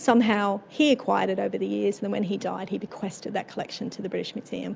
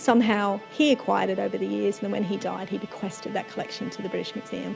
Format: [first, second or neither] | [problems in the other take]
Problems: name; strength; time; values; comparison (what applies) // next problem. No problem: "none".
first | background sound (Musical instrument); 18 dB below the speech